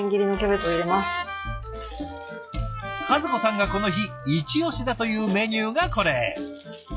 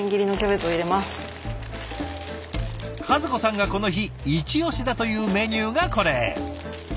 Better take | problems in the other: second | noise reduction (classical method log-MMSE)

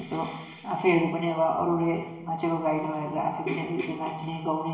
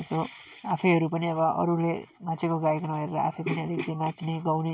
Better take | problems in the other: second | room echo; dies away in 0.9 s

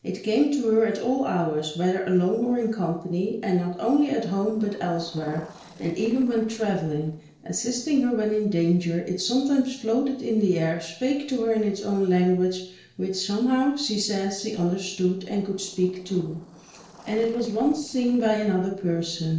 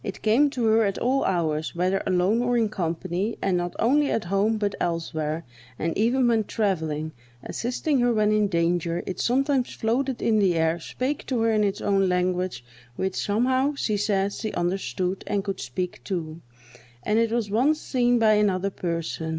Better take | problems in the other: second | noise reduction (neural separator model SepFormer DNS4)

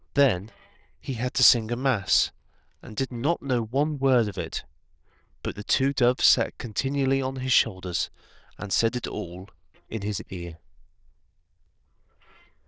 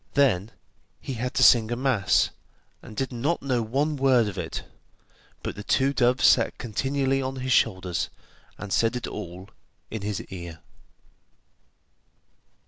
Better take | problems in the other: second | noise reduction (neural diffusion model UNIVERSE++)

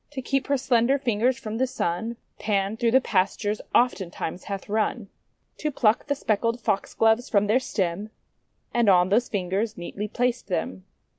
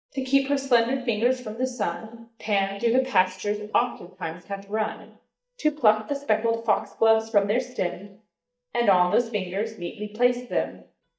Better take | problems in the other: first | noise reduction (neural mask model DeepFilterNet 3)

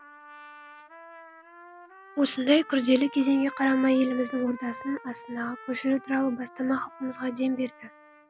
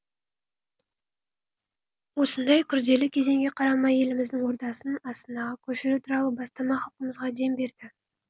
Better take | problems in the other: second | background sound (Trumpet); 17 dB below the speech

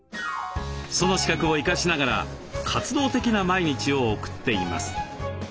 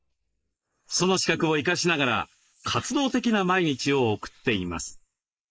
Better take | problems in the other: first | noise reduction (neural mask model Resemble Enhance denoiser)

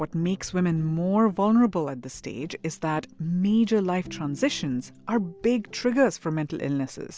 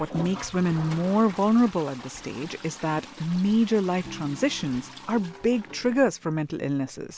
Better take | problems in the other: first | background sound (Toilet flush); 18 dB below the speech

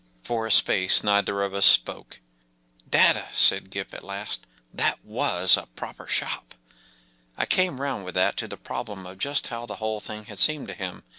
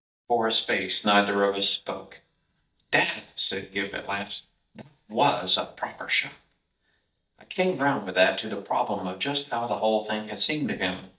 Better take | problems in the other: first | noise reduction (neural mask model DeepFilterNet 3)

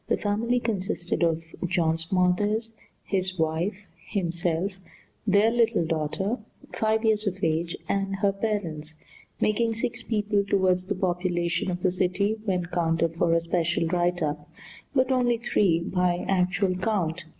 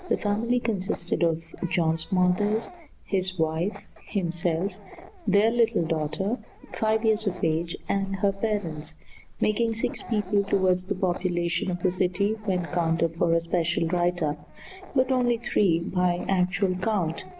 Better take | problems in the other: first | background sound (Dog); 16 dB below the speech

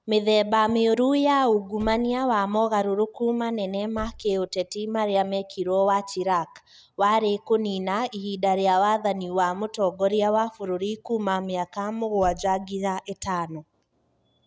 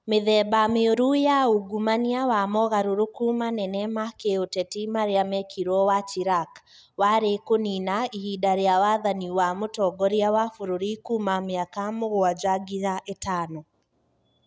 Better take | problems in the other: second | background sound (Slam / Car); 19 dB below the speech

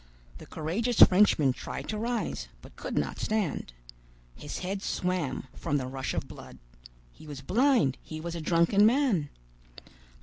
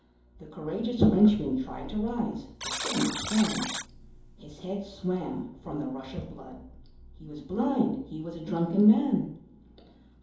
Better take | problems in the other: first | background sound (Alarm); 8 dB below the speech // room echo; dies away in 2.8 s

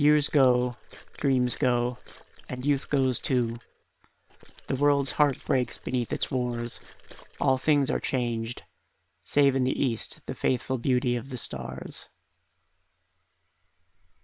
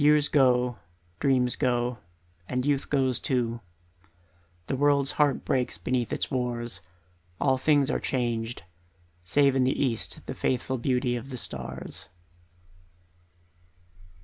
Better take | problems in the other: second | noise reduction (neural separator model SepFormer WHAM!)

